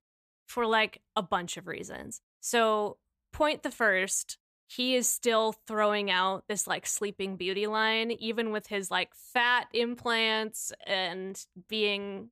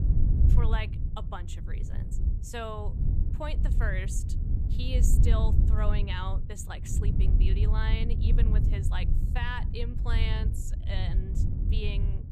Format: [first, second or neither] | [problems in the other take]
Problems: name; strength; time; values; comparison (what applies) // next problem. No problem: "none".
first | wind noise on the microphone; heavy; 6 dB below the speech